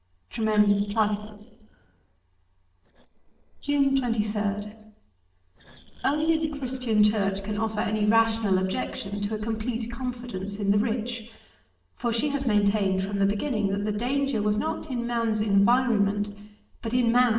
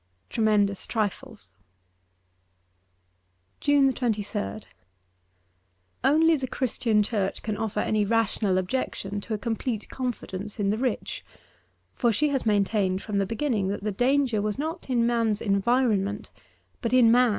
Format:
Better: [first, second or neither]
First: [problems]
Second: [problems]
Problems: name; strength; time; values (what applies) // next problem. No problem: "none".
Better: second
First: noise reduction (neural separator model SepFormer DNS4)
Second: none